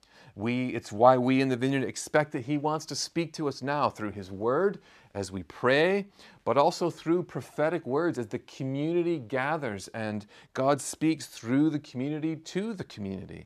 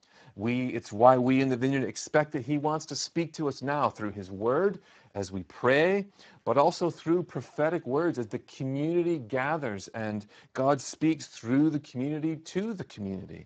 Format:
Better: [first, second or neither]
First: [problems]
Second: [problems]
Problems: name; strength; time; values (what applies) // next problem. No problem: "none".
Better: first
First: none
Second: garbled, watery; badly; nothing above 7.5 kHz